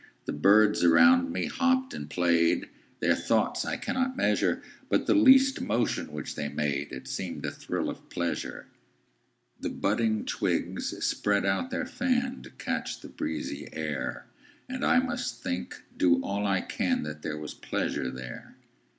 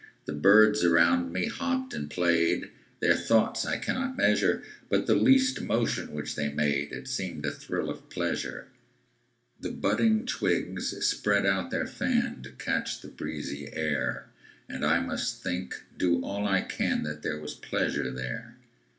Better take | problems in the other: first | room echo; dies away in 0.2 s

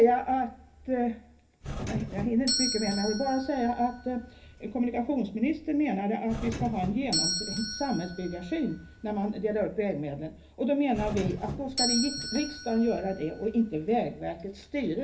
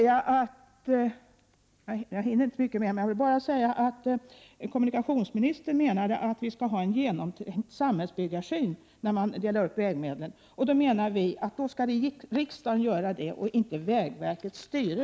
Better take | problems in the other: second | background sound (Doorbell); 8 dB below the speech // room echo; dies away in 0.3 s

